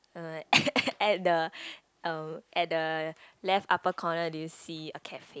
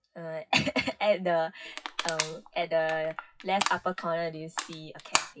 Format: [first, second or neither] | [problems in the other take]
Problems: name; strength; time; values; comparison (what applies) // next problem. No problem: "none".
first | noise reduction (classical method WPE with log-MMSE)